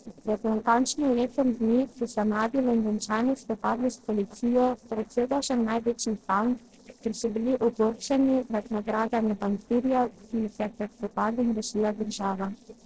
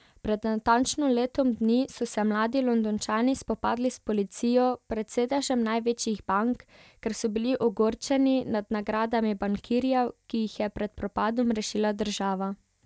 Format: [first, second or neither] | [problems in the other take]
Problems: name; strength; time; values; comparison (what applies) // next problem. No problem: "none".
second | noise reduction (neural separator model SepFormer DNS4)